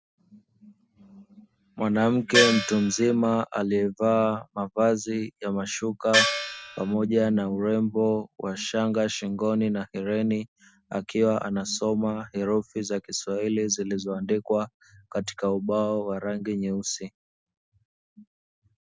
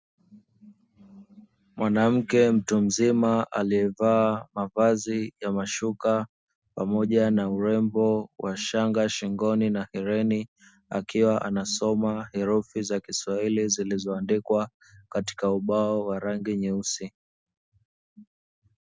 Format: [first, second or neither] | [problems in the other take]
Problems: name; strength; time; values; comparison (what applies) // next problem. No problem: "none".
second | background sound (Gong); 1 dB above the speech